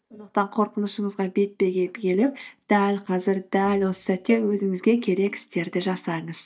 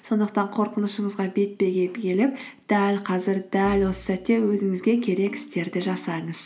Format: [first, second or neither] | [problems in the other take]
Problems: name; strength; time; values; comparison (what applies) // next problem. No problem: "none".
second | noise reduction (neural mask model DeepFilterNet 3)